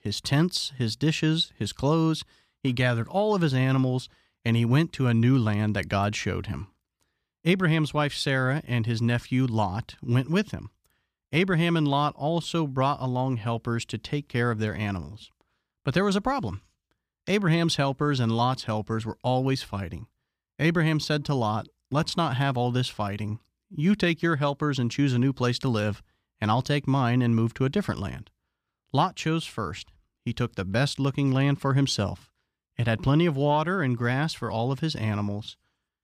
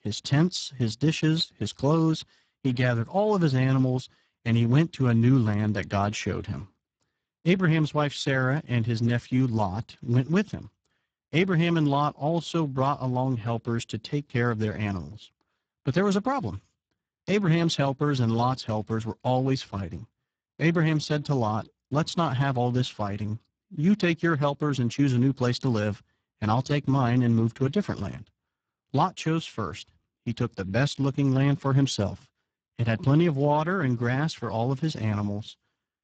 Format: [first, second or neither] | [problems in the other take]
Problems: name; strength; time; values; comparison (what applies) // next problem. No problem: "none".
first | garbled, watery; badly; nothing above 7.5 kHz